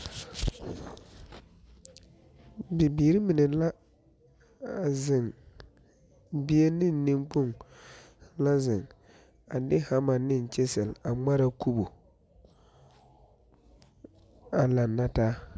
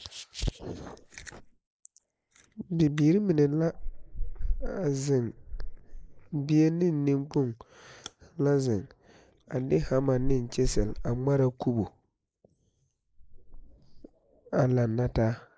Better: first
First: none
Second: noise reduction (neural mask model Resemble Enhance denoiser)

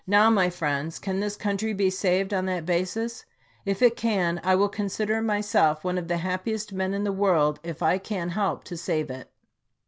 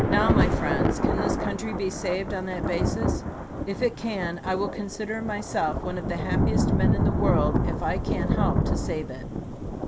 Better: first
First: none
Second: background sound (Thunder / Rain); 4 dB above the speech

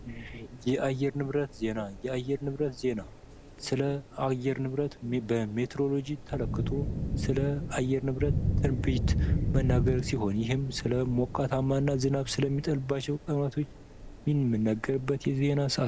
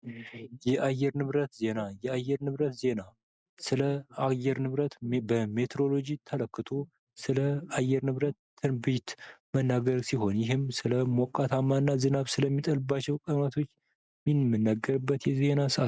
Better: second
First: background sound (Thunder / Rain); 5 dB below the speech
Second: none

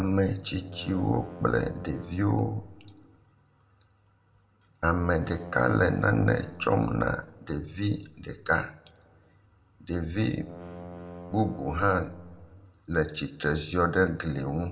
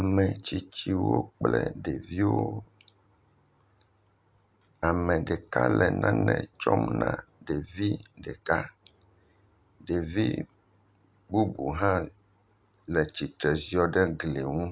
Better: second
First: background sound (Brass instrument); 16 dB below the speech // room echo; dies away in 0.5 s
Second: none

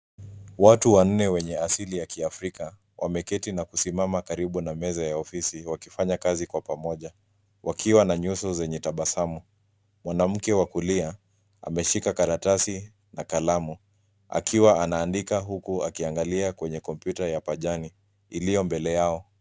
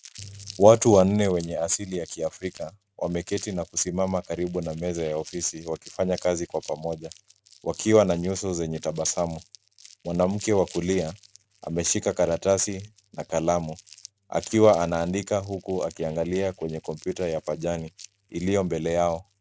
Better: first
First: none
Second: noise reduction (neural mask model RNNoise)

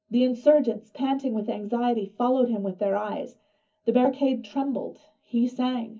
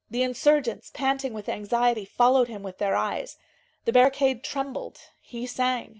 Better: second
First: room echo; dies away in 0.4 s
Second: none

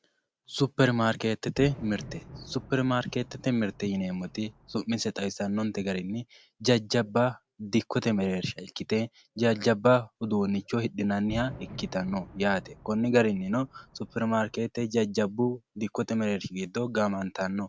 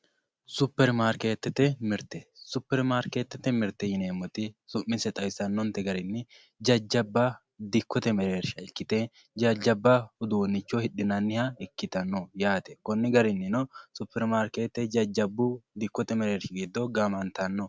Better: second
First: background sound (Fireworks); 18 dB below the speech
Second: none

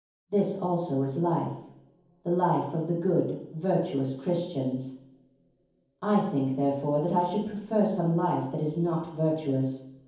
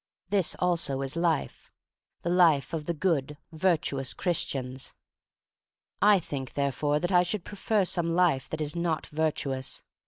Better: second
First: room echo; dies away in 0.9 s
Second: none

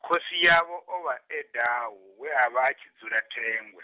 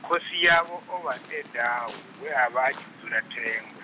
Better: first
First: none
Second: background sound (Waves, surf); 18 dB below the speech

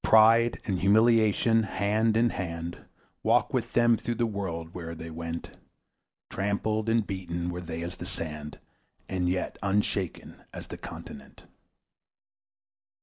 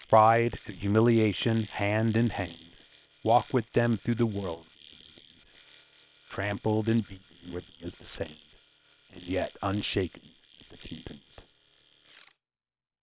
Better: first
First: none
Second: noise reduction (neural separator model SepFormer WHAM!)

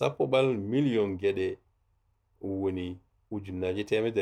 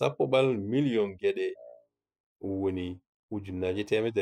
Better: first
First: none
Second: noise reduction (classical method spectral subtraction)

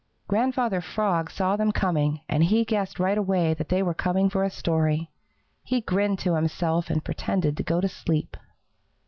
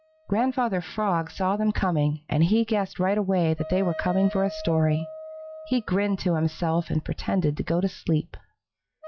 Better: first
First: none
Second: noise reduction (classical method log-MMSE)

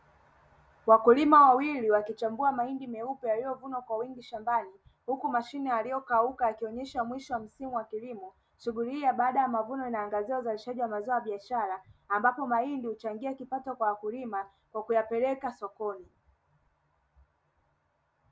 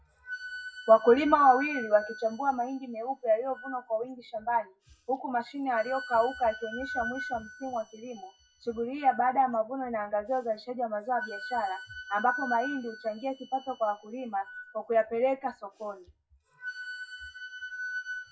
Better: first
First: none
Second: noise reduction (classical method WPE with log-MMSE)

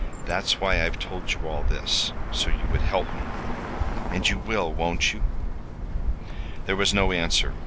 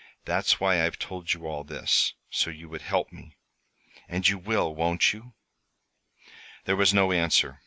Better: second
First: background sound (Bird); 2 dB above the speech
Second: none

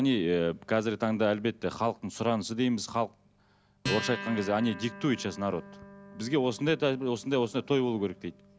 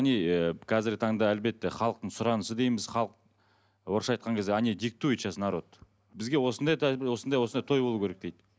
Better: second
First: background sound (Acoustic guitar); 15 dB below the speech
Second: none

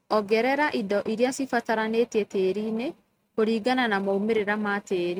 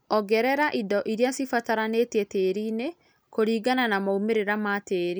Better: second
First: noise reduction (neural mask model RNNoise)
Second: none

